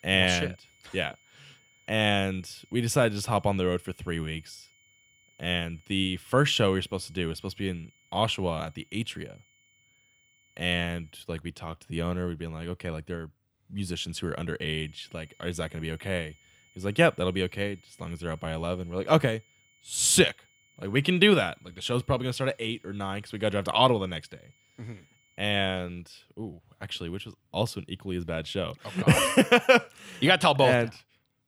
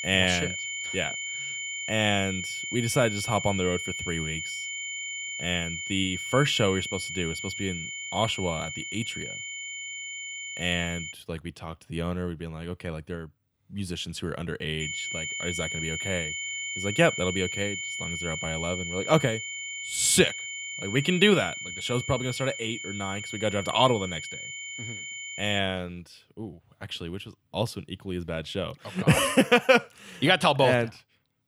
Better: first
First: high-pitched whine; faint; until 11 s and from 15 to 26 s; 2 kHz, 35 dB below the speech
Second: high-pitched whine; loud; until 11 s and from 15 to 26 s; 2 kHz, 5 dB below the speech

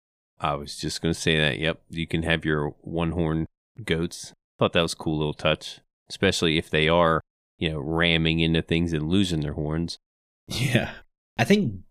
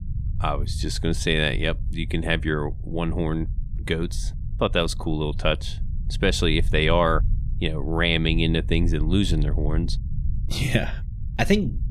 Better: first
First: none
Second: low rumble; faint; throughout; 20 dB below the speech

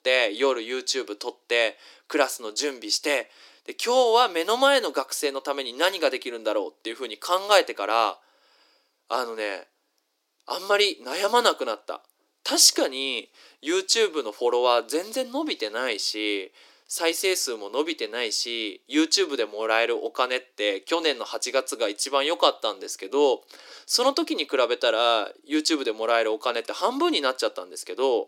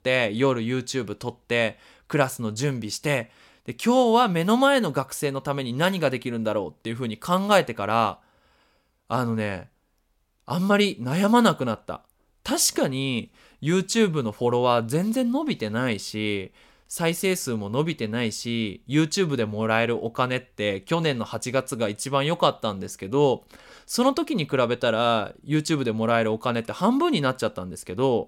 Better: second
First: thin; somewhat; fading below 300 Hz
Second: none

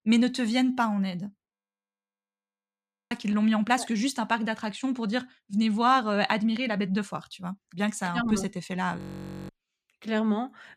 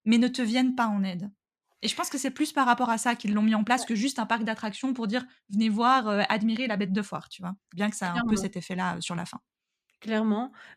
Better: second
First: audio freezing; at 1.5 s for 1.5 s and at 9 s for 0.5 s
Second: none

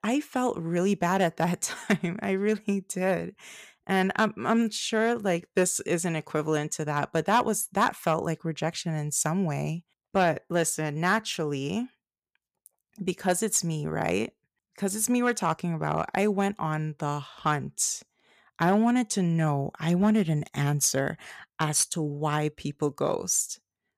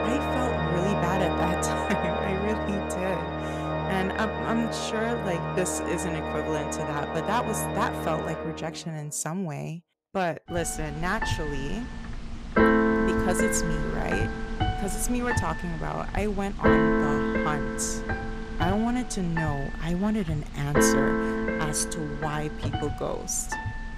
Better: first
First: none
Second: background music; very loud; throughout; 2 dB above the speech

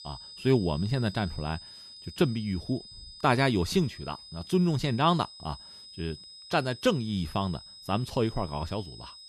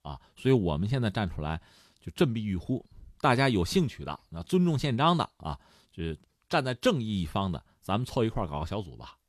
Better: second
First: high-pitched whine; noticeable; throughout; 5 kHz, 15 dB below the speech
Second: none

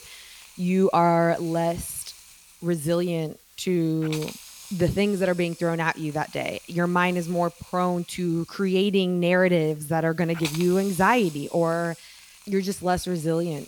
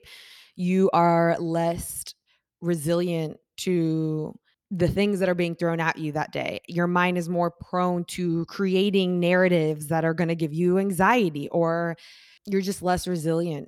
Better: second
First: hiss; noticeable; throughout; 20 dB below the speech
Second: none

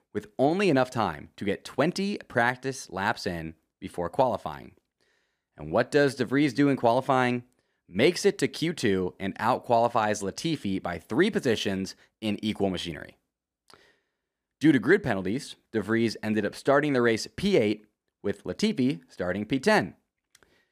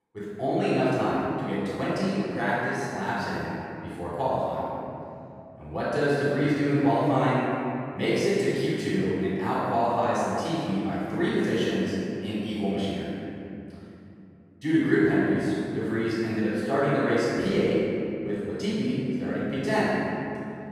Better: first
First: none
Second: off-mic speech; far // room echo; strong; dies away in 2.9 s

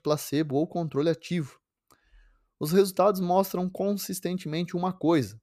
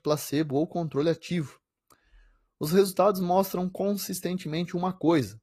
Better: first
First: none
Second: garbled, watery; slightly; nothing above 14.5 kHz

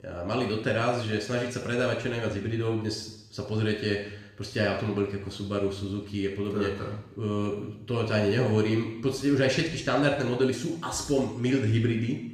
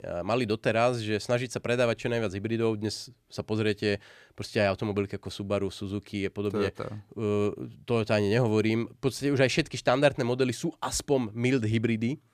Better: second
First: room echo; noticeable; dies away in 0.8 s // off-mic speech; somewhat distant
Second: none

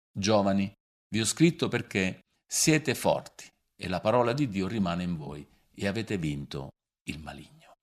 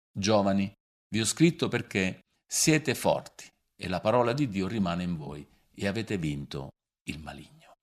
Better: neither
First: none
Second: none

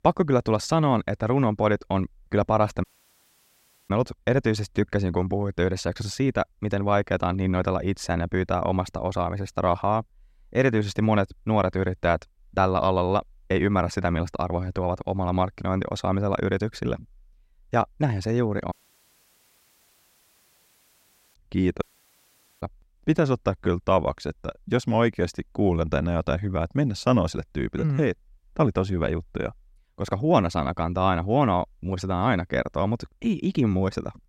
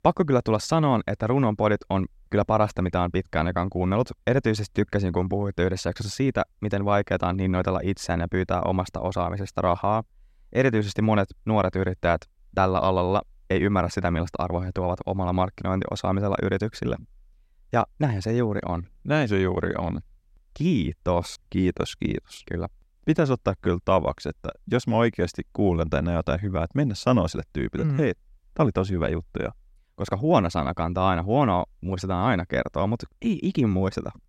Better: second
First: audio cutting out; at 3 s for 1 s, at 19 s for 2.5 s and at 22 s for 1 s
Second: none

